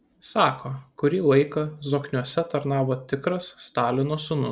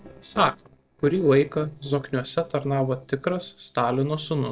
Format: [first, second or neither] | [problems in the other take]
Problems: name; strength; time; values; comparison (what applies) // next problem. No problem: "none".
first | noise reduction (neural separator model SepFormer DNS4)